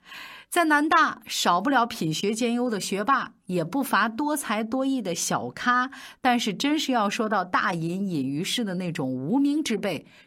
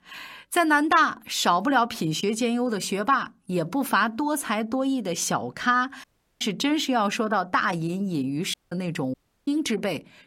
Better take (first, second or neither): first